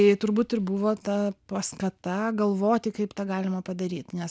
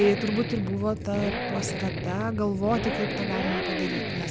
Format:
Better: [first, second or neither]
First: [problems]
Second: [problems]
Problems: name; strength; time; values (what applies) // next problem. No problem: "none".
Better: first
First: none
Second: background sound (Accelerating, revving, vroom); 2 dB below the speech